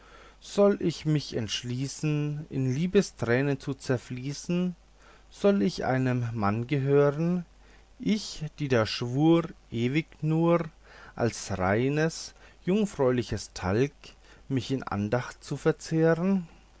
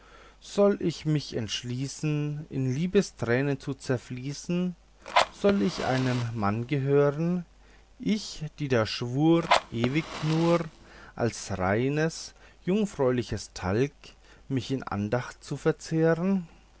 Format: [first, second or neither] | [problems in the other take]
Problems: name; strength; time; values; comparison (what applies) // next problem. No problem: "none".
first | background sound (Fire); 4 dB below the speech